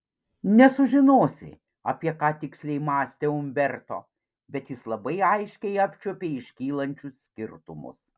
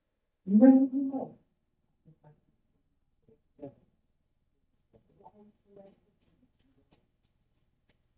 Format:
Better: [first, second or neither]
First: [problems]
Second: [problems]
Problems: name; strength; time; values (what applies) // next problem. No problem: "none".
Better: first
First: none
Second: noise reduction (neural mask model DeepFilterNet 3)